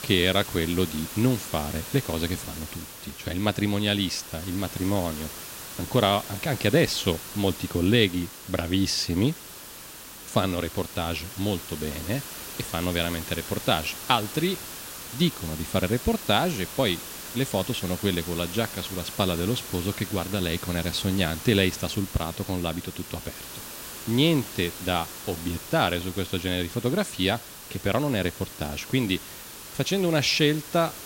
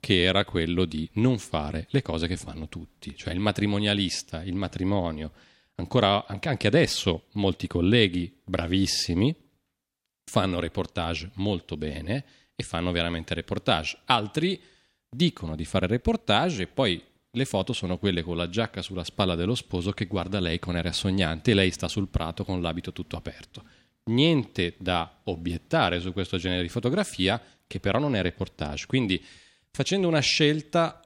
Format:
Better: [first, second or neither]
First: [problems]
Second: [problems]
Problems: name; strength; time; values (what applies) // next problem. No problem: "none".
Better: second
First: hiss; noticeable; throughout; 10 dB below the speech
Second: none